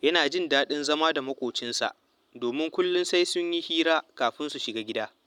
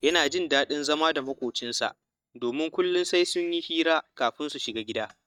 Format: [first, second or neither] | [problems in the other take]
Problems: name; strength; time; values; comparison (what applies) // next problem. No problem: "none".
first | noise reduction (neural mask model DeepFilterNet 3)